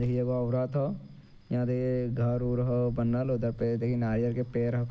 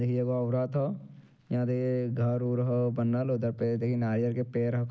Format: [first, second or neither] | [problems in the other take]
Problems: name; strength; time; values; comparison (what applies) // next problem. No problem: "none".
second | background sound (Sliding door); 18 dB below the speech